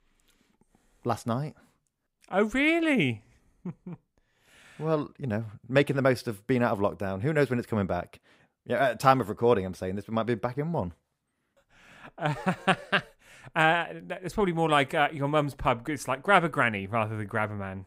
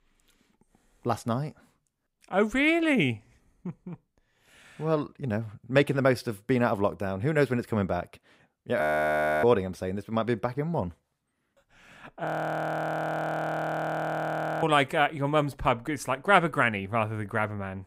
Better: first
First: none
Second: audio freezing; at 9 s for 0.5 s and at 12 s for 2.5 s

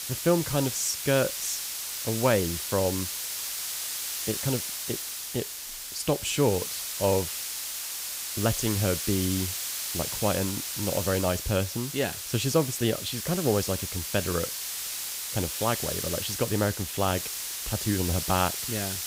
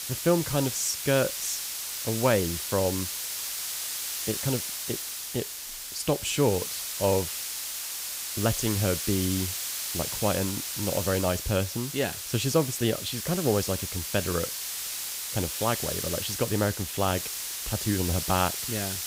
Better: neither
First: hiss; loud; throughout; 2 dB below the speech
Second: hiss; loud; throughout; 2 dB below the speech

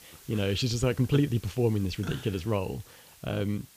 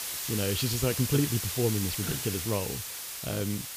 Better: first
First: hiss; faint; throughout; 20 dB below the speech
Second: hiss; loud; throughout; 2 dB below the speech

